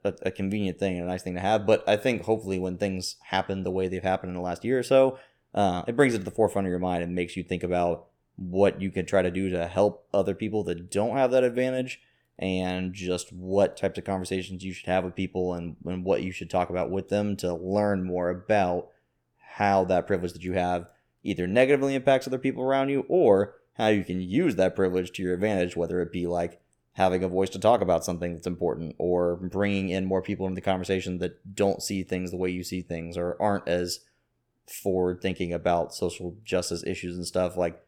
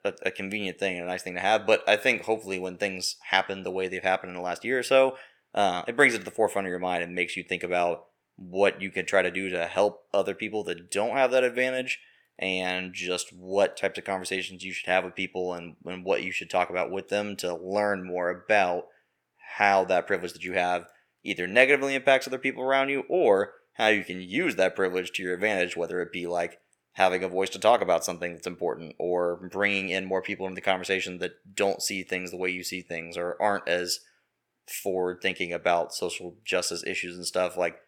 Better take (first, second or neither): first